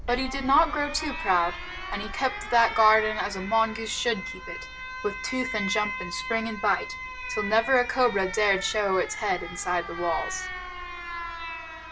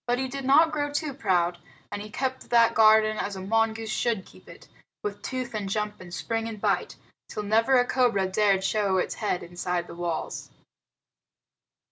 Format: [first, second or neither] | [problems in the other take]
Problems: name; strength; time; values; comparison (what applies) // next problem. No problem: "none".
second | background sound (Alarm); 8 dB below the speech